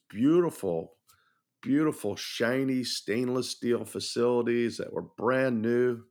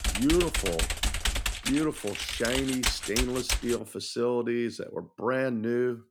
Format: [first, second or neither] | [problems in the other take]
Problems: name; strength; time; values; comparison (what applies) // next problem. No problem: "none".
first | keyboard typing; loud; until 4 s; peak 2 dB above the speech